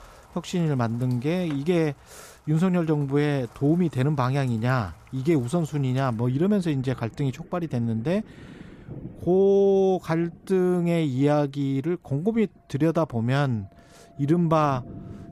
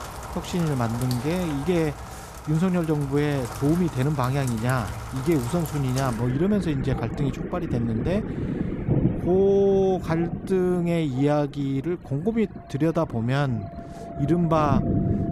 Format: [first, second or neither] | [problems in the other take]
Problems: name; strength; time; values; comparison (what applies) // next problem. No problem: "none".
first | rain or running water; loud; throughout; 7 dB below the speech; faint in the first